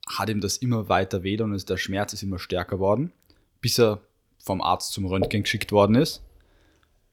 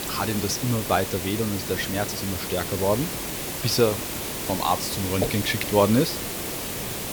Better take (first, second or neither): first